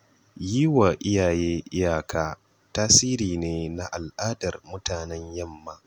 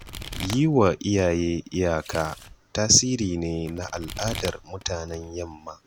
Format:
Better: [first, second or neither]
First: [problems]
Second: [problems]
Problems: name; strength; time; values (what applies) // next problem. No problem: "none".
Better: first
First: none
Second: background sound (Domestic sounds, home sounds); 15 dB below the speech